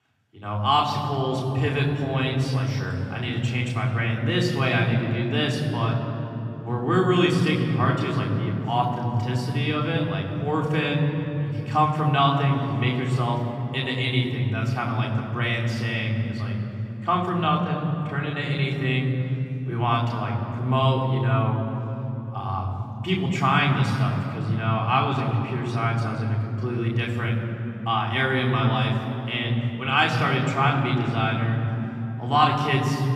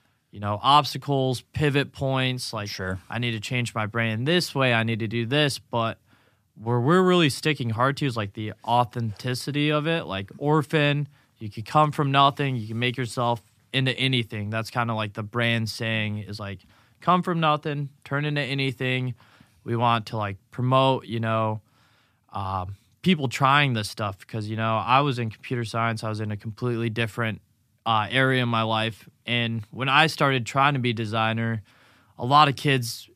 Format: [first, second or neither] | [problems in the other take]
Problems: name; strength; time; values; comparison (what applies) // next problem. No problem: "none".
second | room echo; noticeable; dies away in 3 s // off-mic speech; far